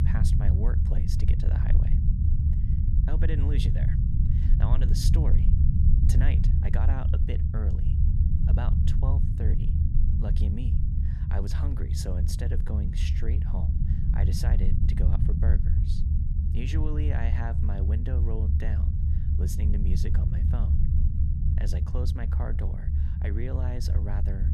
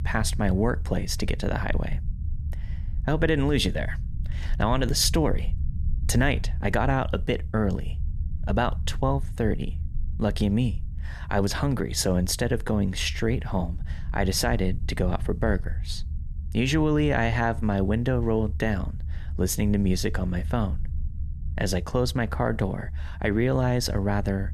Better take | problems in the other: second | low rumble; loud; throughout; as loud as the speech; faint in the second

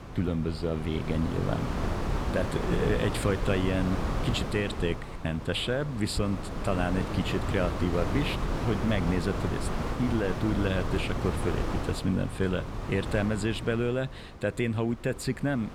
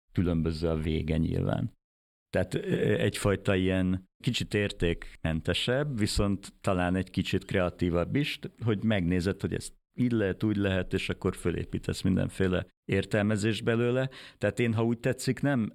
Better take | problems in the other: second | wind noise on the microphone; heavy; 4 dB below the speech

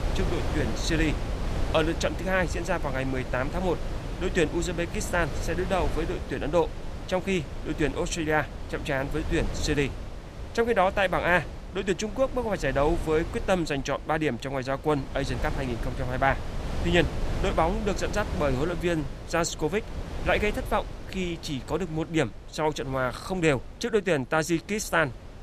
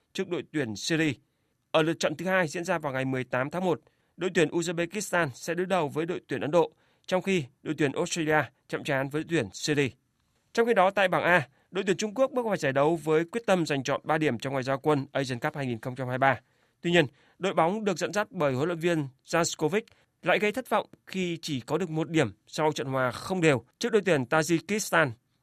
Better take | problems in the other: second | wind noise on the microphone; occasional gusts; 10 dB below the speech

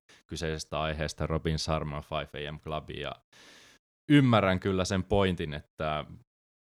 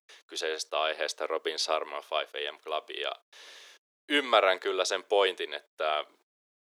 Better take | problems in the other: first | thin; very; fading below 400 Hz

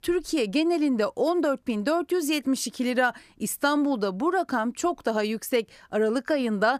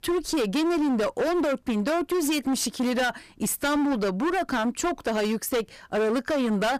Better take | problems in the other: first | distortion; heavy; 28% of the sound clipped

